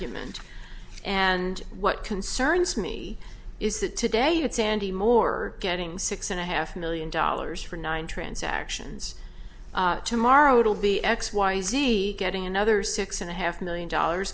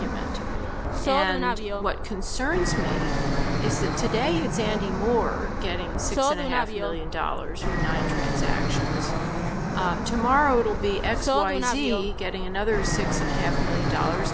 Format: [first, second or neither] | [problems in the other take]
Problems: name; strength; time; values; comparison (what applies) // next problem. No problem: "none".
first | background sound (Fixed-wing aircraft, airplane); 2 dB above the speech